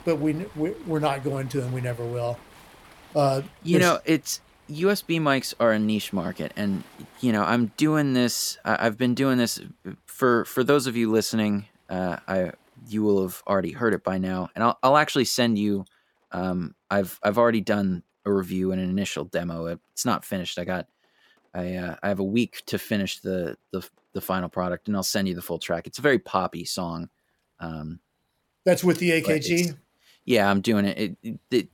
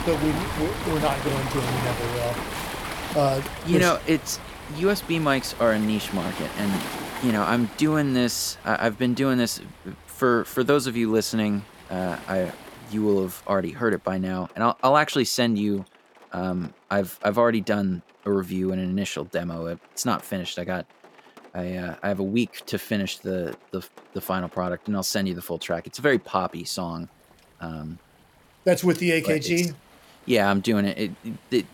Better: first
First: rain or running water; faint; throughout; 25 dB below the speech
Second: rain or running water; loud; throughout; 8 dB below the speech

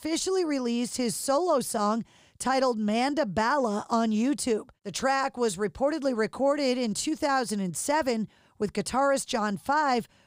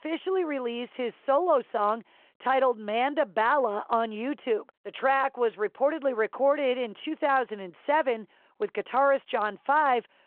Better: first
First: none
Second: phone-call audio

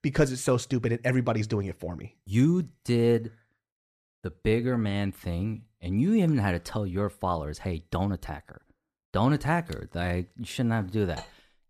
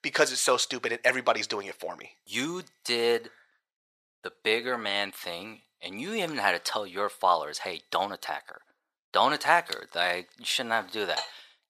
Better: first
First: none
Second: thin; very; fading below 800 Hz

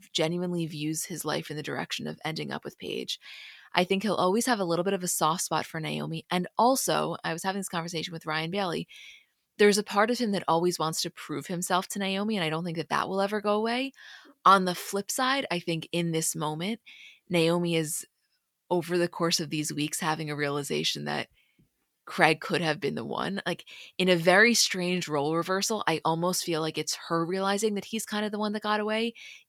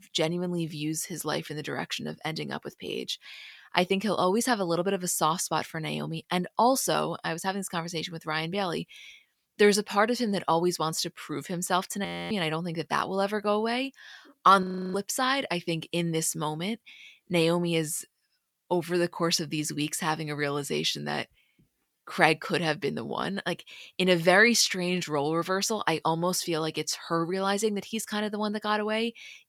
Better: first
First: none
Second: audio freezing; at 12 s and at 15 s

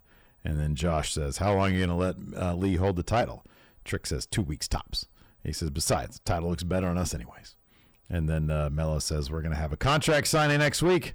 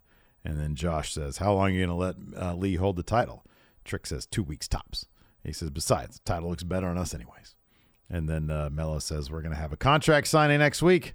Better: second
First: distortion; heavy; 8 dB below the speech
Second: none

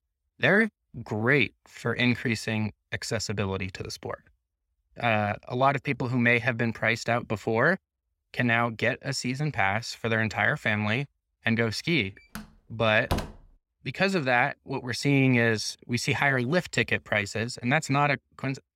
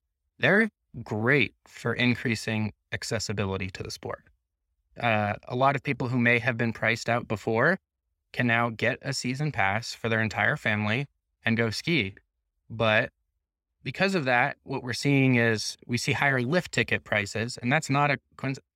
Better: second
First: door banging; noticeable; at 12 s; peak 6 dB below the speech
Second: none

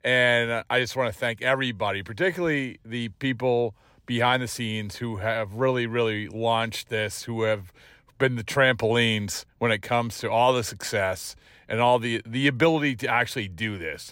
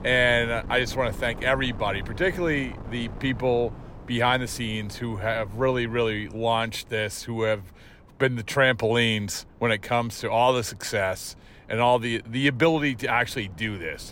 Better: first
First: none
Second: wind noise on the microphone; occasional gusts; 25 dB below the speech

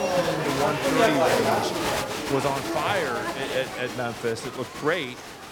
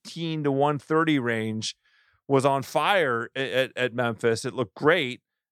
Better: second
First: crowd noise; very loud; throughout; 3 dB above the speech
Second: none

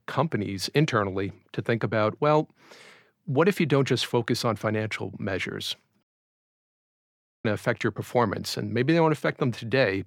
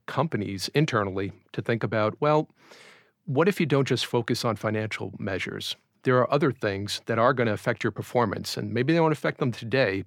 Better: second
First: audio cutting out; at 6 s for 1.5 s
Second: none

